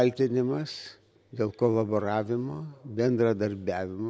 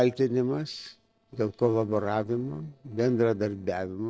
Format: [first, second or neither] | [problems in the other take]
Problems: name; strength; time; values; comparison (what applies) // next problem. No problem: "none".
first | noise reduction (neural separator model SepFormer DNS4)